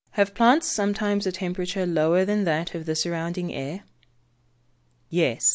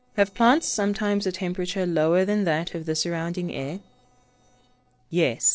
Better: first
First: none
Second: noise reduction (neural separator model SepFormer DNS4)

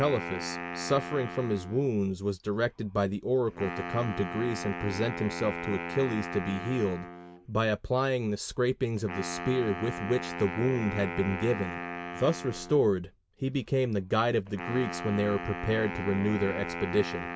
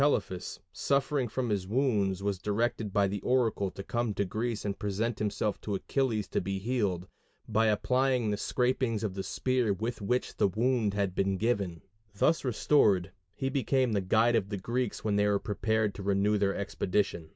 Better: second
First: background sound (Wind instrument, woodwind instrument); 9 dB below the speech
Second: none

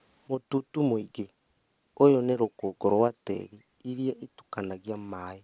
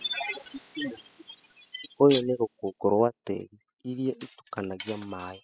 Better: first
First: none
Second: noise reduction (classical method spectral subtraction)

